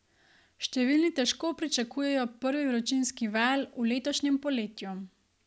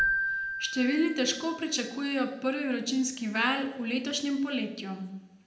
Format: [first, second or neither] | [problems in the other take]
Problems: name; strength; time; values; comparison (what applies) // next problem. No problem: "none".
first | background sound (Keyboard (musical)); 7 dB below the speech // room echo; dies away in 0.7 s